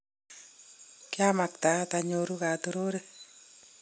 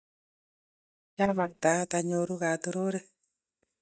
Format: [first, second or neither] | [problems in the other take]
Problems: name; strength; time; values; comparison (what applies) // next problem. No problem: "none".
first | noise reduction (neural mask model DeepFilterNet 3)